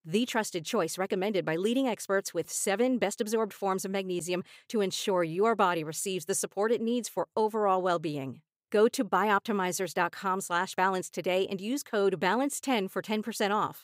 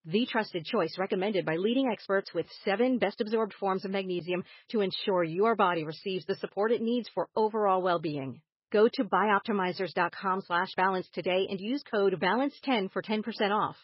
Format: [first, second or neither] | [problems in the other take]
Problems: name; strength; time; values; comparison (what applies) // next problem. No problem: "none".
first | garbled, watery; badly; nothing above 5.5 kHz